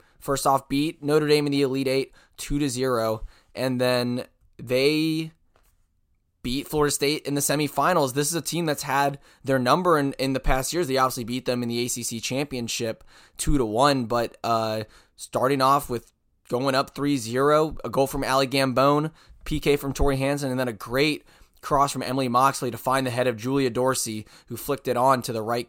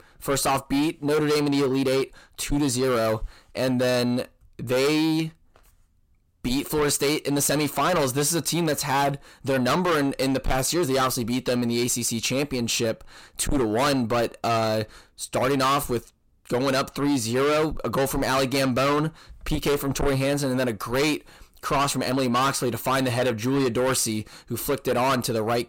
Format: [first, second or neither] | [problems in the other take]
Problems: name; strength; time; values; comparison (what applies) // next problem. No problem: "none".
first | distortion; heavy; 6 dB below the speech